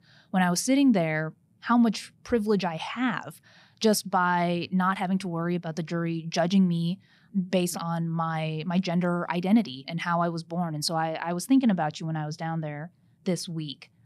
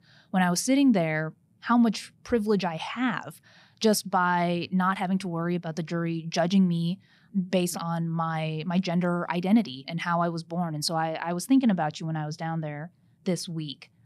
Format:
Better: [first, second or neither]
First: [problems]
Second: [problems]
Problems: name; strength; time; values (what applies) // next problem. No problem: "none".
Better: neither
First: none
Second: none